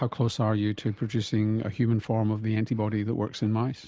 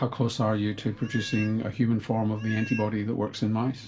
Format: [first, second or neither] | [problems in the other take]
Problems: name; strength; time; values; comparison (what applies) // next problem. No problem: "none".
first | background sound (Meow); 14 dB below the speech // room echo; dies away in 0.7 s